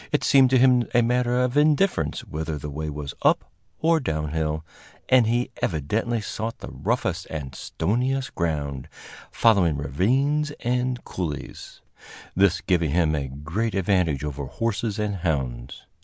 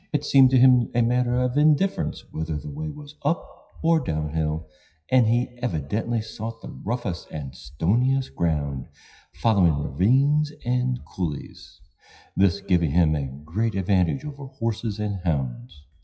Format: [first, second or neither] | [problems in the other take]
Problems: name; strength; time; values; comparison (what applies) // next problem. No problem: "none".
first | noise reduction (classical method WPE with log-MMSE)